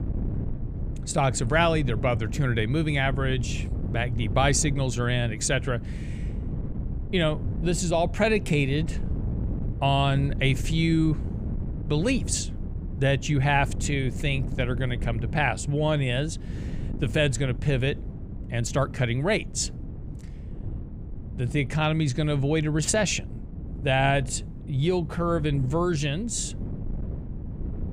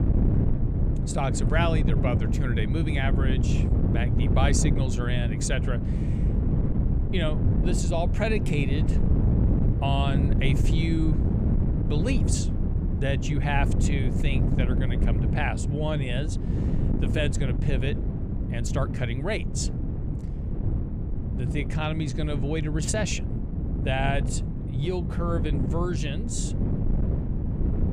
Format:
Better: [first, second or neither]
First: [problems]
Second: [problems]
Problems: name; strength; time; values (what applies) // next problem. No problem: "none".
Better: first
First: wind noise on the microphone; occasional gusts; 15 dB below the speech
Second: wind noise on the microphone; heavy; 5 dB below the speech